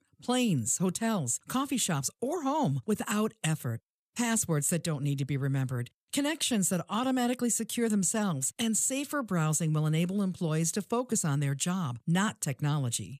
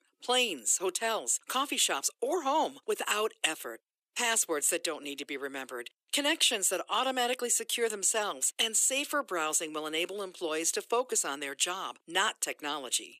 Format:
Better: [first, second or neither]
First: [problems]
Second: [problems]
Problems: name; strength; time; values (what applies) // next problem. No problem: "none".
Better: first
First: none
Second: thin; very; fading below 350 Hz